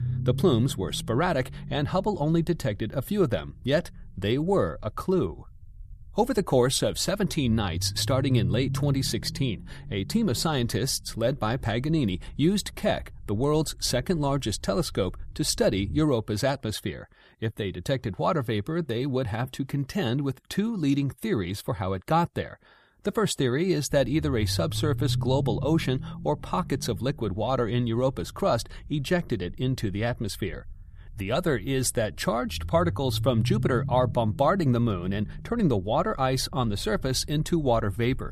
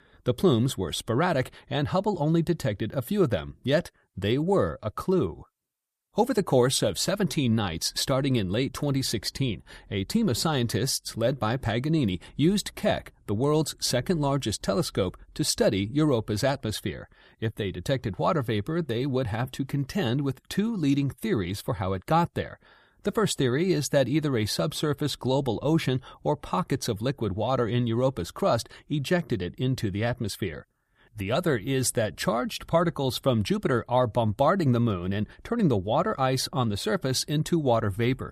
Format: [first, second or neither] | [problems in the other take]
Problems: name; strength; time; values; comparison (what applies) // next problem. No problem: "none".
second | low rumble; noticeable; until 16 s and from 24 s on; 20 dB below the speech